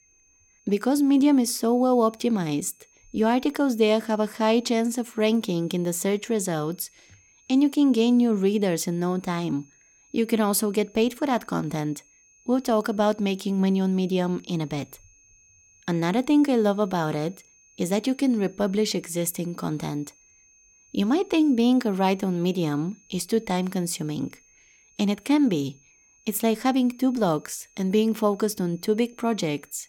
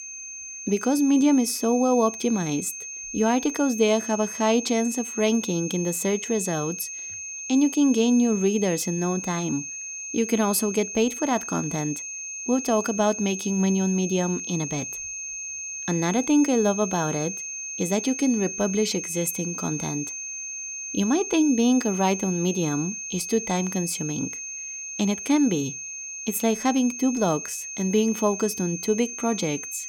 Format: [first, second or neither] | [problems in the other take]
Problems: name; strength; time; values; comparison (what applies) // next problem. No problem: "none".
first | high-pitched whine; loud; throughout; 6.5 kHz, 7 dB below the speech; faint in the first